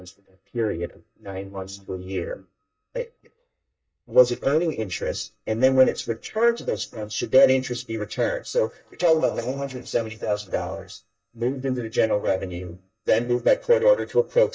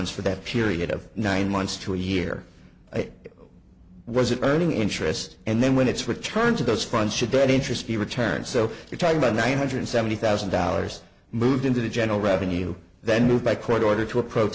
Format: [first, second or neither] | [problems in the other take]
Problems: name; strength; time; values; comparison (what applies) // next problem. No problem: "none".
second | noise reduction (neural mask model DeepFilterNet 3)